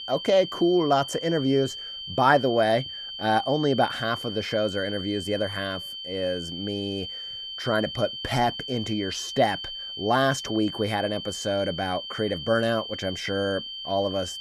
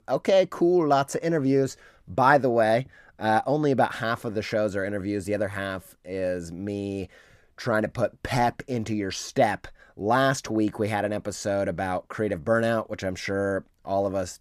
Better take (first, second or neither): second